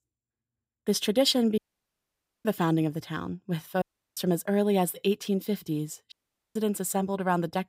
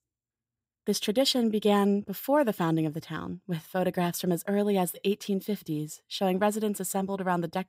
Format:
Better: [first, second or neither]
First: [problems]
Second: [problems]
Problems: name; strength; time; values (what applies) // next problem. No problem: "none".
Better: second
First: audio cutting out; at 1.5 s for 1 s, at 4 s and at 6 s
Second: none